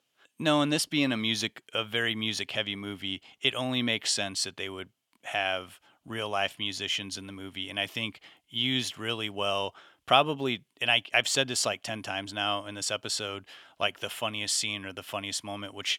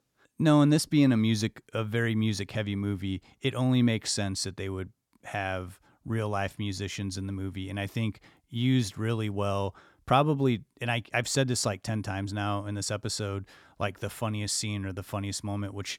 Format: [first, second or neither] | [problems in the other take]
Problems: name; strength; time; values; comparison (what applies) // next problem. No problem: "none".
second | thin; somewhat; fading below 550 Hz